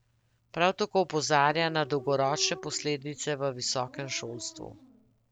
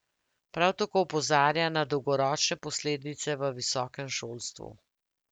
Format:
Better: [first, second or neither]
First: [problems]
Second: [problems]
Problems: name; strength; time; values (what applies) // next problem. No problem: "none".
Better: second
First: background sound (Dog); 19 dB below the speech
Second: none